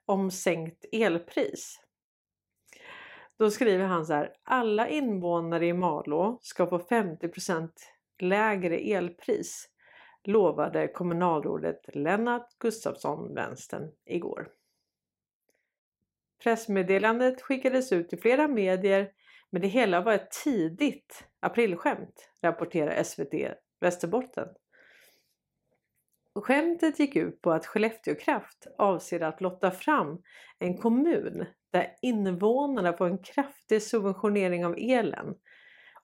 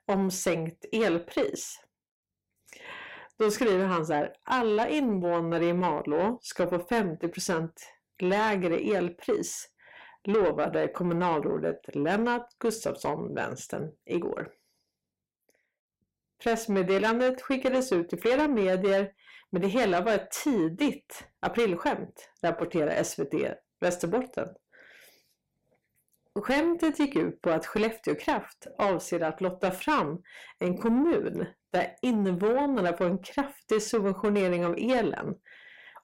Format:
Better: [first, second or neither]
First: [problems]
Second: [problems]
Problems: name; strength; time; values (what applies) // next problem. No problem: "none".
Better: first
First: none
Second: distortion; slight; 10 dB below the speech